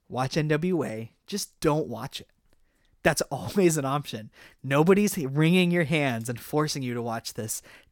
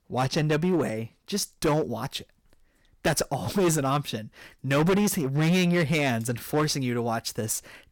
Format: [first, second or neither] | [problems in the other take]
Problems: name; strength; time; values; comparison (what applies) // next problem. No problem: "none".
first | distortion; heavy; 10% of the sound clipped